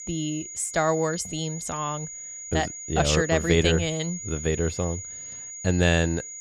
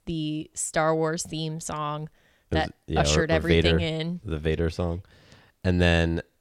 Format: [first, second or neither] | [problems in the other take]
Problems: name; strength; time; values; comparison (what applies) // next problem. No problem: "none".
second | high-pitched whine; loud; throughout; 7 kHz, 10 dB below the speech